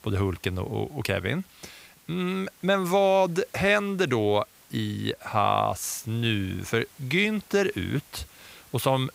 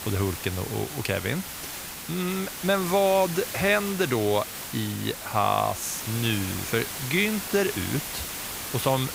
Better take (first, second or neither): first